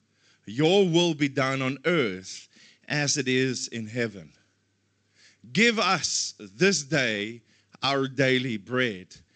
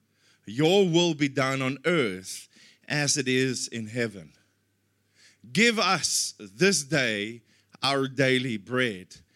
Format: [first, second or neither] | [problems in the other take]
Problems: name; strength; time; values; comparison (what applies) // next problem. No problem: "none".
second | garbled, watery; slightly; nothing above 7.5 kHz